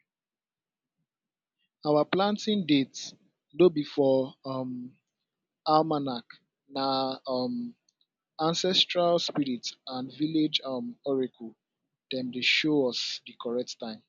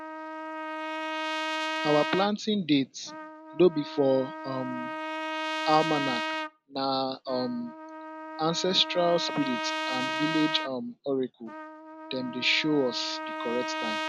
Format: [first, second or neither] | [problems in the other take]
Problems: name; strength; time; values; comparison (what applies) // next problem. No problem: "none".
first | background sound (Trumpet); 5 dB below the speech